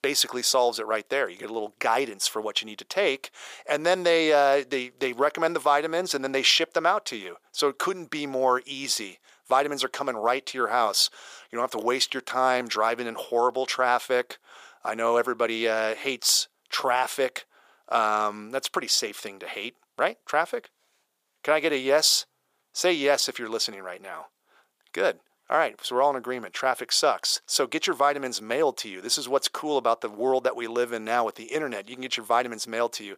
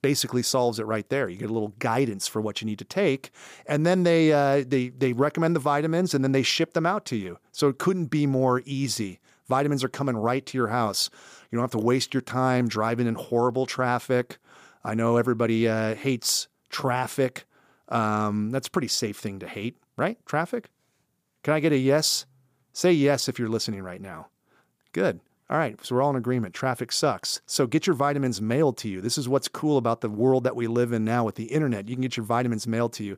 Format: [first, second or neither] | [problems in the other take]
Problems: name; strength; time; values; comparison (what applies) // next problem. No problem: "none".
second | thin; very; fading below 600 Hz